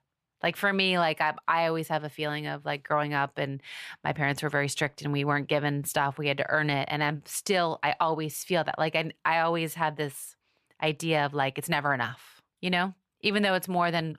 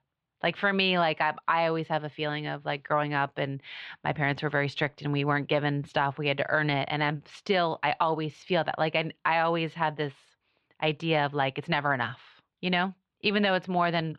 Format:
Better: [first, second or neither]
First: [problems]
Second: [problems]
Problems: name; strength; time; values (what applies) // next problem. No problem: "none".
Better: first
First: none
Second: muffled; very slightly; fading above 4 kHz